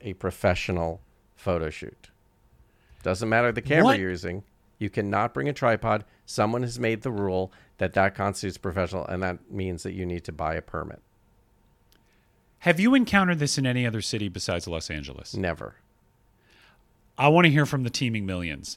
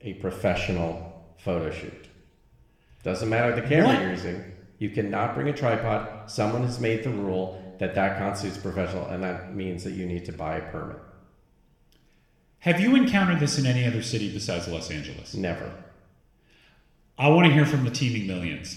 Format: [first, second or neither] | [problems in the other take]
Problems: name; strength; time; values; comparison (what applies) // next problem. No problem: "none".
first | room echo; slight; dies away in 1 s